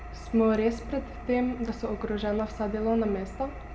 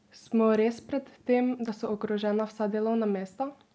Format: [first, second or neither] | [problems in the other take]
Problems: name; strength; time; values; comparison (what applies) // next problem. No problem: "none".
second | background sound (Engine); 12 dB below the speech // room echo; dies away in 1.9 s